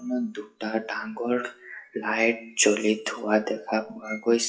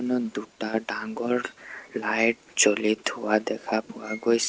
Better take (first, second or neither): second